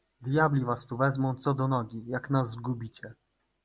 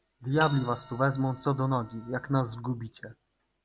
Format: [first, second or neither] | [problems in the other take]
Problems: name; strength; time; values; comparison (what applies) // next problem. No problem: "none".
first | background sound (Bell); 16 dB below the speech